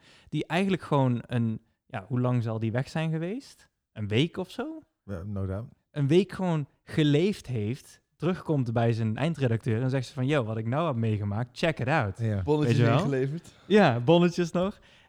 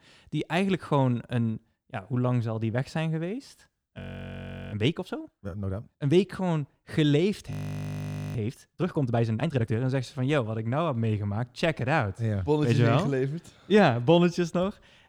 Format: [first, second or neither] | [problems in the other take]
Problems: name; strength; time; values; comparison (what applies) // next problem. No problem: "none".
first | audio freezing; at 4 s for 0.5 s and at 7.5 s for 1 s